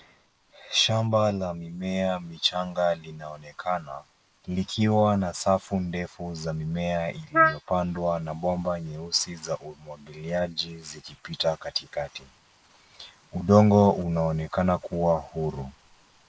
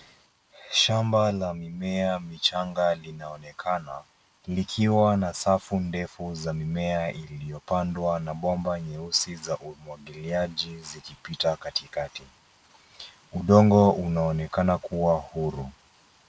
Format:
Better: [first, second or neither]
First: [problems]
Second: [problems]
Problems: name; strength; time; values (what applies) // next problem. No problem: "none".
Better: second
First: noise reduction (neural mask model Resemble Enhance denoiser)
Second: none